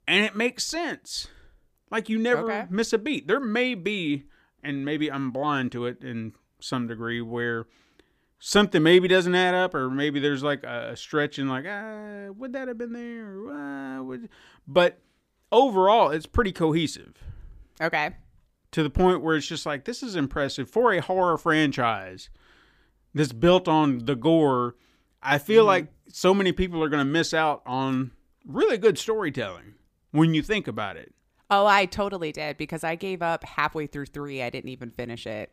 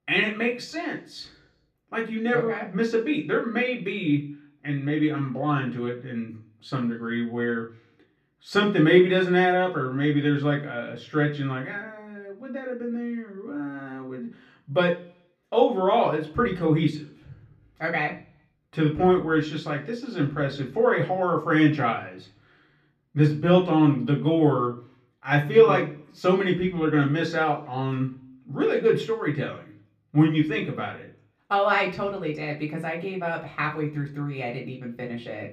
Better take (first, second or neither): first